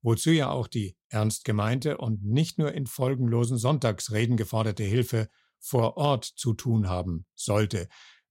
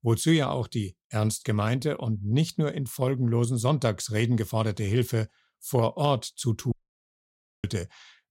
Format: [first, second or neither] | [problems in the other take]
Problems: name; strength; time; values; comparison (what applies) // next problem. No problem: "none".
first | audio cutting out; at 6.5 s for 1 s